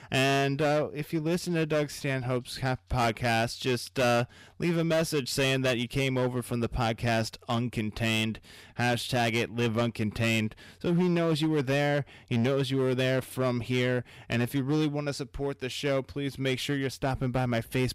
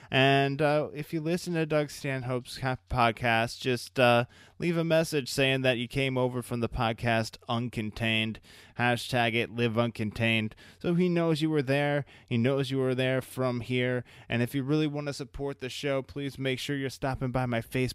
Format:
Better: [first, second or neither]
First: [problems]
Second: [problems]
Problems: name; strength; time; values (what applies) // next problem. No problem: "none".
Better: second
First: distortion; slight; 11% of the sound clipped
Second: none